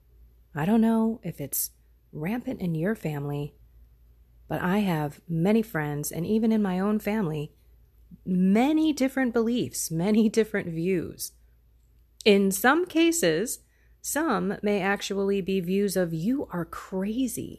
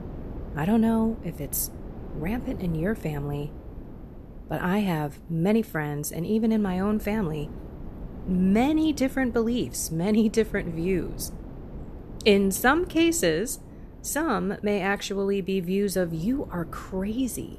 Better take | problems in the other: first | wind noise on the microphone; occasional gusts; 20 dB below the speech

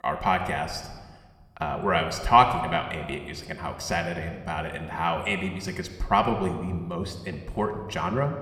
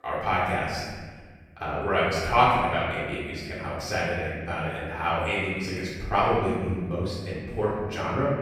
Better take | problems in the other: first | room echo; strong; dies away in 1.6 s; slight in the first // off-mic speech; far

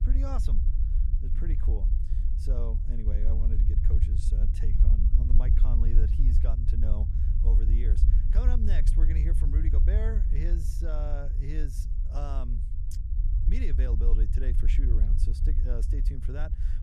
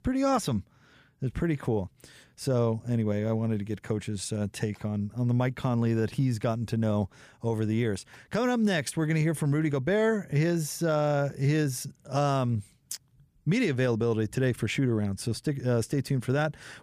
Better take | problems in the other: second | low rumble; loud; throughout; 3 dB below the speech

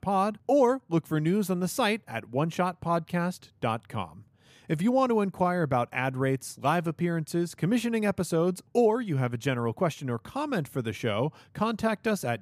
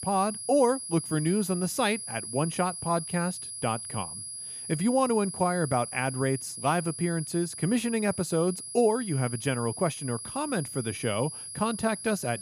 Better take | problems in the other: first | high-pitched whine; loud; throughout; 10.5 kHz, 7 dB below the speech

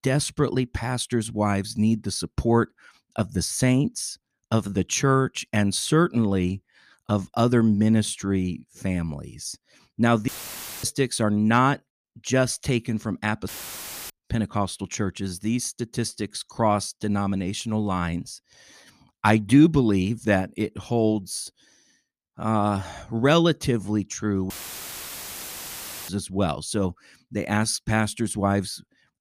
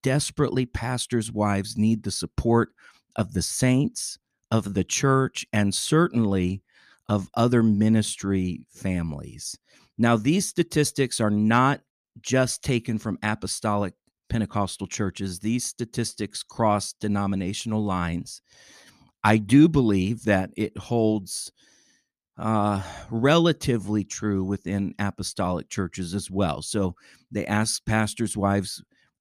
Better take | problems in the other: second | audio cutting out; filled with static; at 10 s for 0.5 s, at 13 s for 0.5 s and at 25 s for 1.5 s

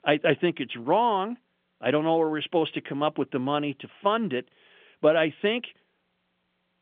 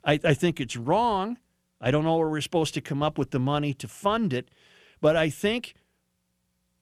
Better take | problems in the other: second | phone-call audio; nothing above 3.5 kHz

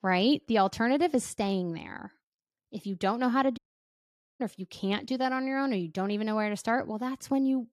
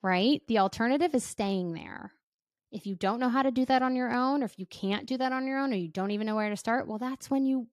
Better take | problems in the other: second | audio cutting out; at 3.5 s for 1 s

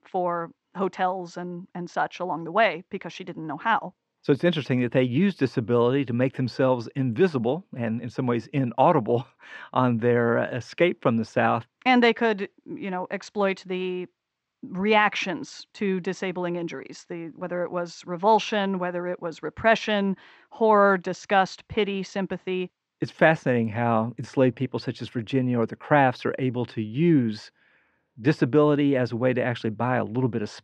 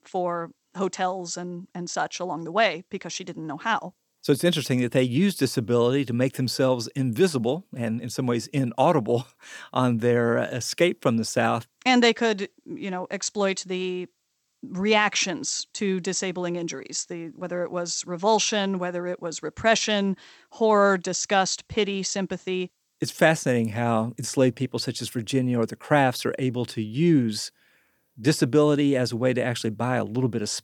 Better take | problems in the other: second | muffled; slightly; fading above 2.5 kHz

